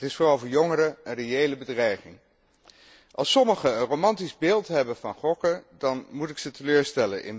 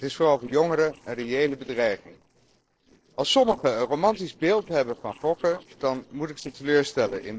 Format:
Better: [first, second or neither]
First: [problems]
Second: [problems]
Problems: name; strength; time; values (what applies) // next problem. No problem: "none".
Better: first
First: none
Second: noise reduction (neural separator model SepFormer DNS4)